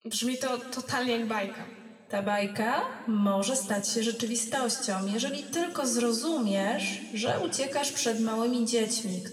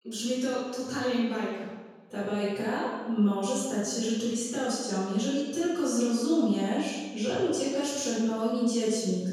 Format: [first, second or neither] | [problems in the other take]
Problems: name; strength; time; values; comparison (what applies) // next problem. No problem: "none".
first | room echo; strong; dies away in 1.2 s; slight in the first // off-mic speech; far; somewhat distant in the first